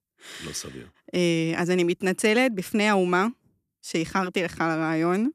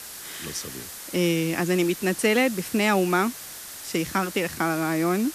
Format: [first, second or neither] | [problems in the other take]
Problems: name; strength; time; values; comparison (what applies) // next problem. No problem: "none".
first | hiss; noticeable; throughout; 10 dB below the speech